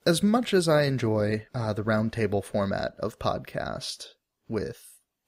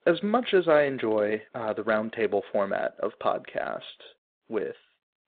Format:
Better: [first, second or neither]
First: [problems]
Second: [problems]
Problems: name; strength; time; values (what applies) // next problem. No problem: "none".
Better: first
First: none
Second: phone-call audio; nothing above 4 kHz